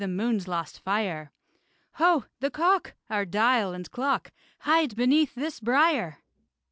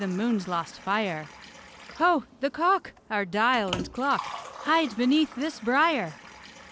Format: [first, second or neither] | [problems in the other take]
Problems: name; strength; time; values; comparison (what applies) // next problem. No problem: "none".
first | background sound (Liquid); 15 dB below the speech